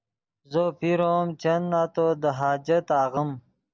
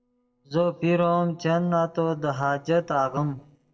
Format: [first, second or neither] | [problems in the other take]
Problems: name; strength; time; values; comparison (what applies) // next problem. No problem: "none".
first | noise reduction (neural separator model SepFormer DNS4)